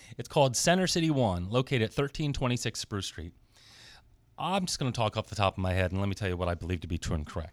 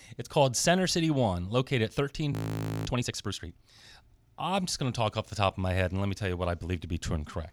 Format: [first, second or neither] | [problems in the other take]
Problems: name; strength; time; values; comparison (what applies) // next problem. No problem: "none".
first | audio freezing; at 2.5 s for 0.5 s